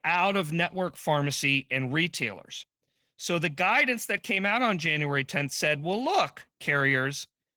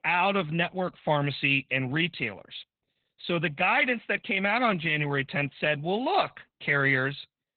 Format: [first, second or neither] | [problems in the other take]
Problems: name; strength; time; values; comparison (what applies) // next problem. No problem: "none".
first | garbled, watery; badly; nothing above 4 kHz; slightly in the first